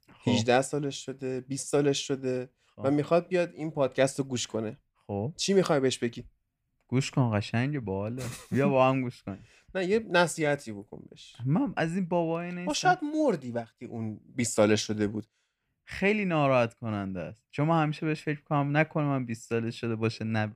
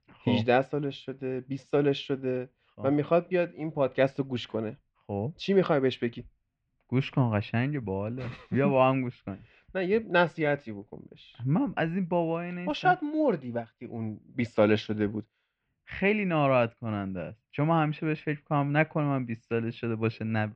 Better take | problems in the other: first | muffled; very; fading above 3.5 kHz

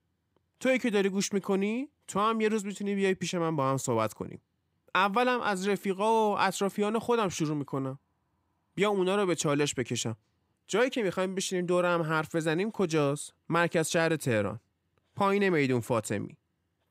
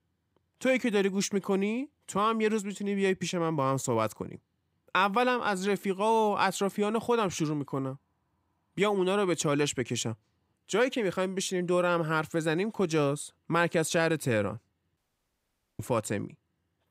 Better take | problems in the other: first | audio cutting out; at 15 s for 1 s

